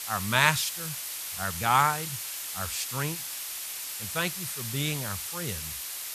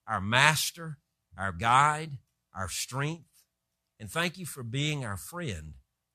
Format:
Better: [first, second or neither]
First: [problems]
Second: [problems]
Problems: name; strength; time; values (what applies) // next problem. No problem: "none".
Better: second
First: hiss; loud; throughout; 5 dB below the speech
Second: none